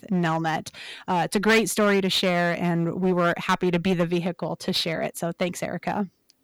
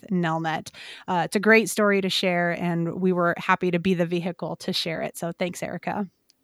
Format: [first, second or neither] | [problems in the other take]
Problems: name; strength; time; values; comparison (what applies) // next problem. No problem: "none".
second | distortion; slight; 6% of the sound clipped